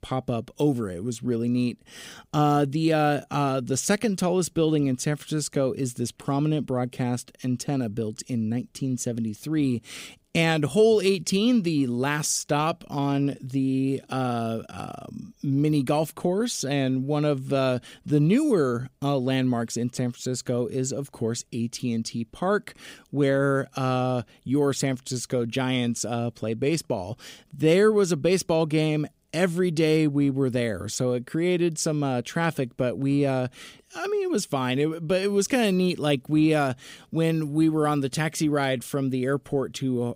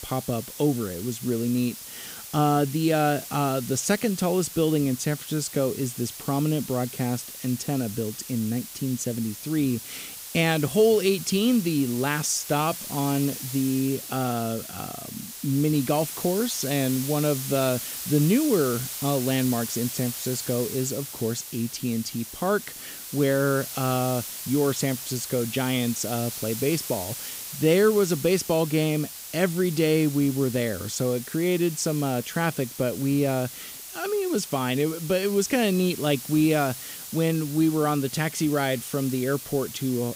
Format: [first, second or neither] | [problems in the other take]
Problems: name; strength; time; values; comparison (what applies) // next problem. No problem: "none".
first | hiss; loud; throughout; 9 dB below the speech